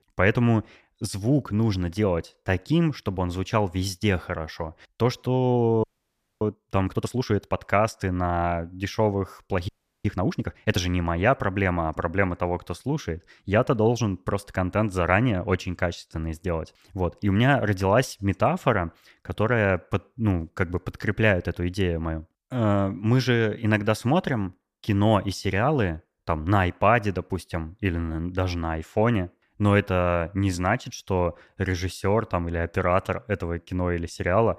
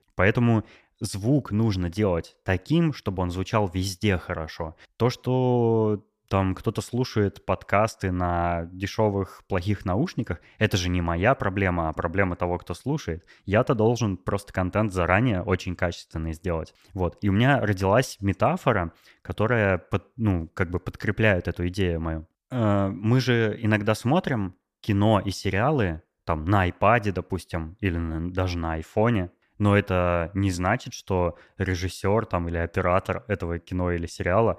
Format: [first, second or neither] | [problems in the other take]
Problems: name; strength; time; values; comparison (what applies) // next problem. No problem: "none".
second | audio freezing; at 6 s for 0.5 s and at 9.5 s